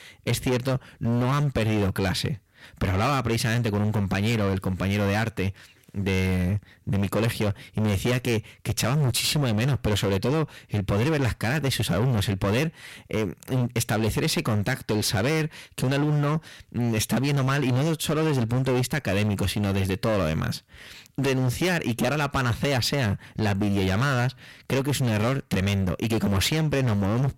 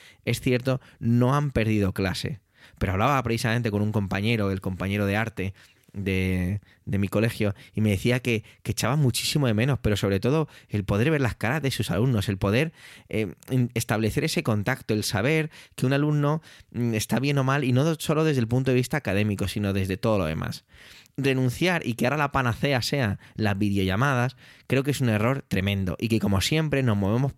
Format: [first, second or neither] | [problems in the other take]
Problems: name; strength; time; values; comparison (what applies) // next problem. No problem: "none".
second | distortion; heavy; 21% of the sound clipped